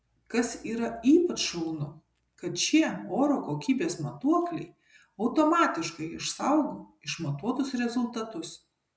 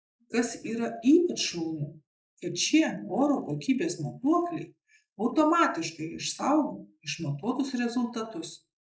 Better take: first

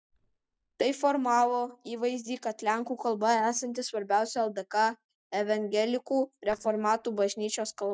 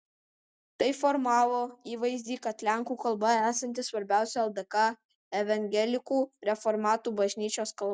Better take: second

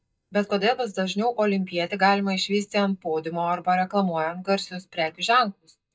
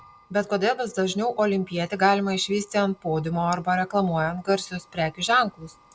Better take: second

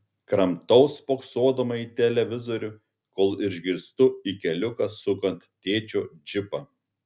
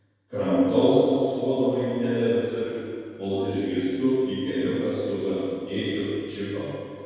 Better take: first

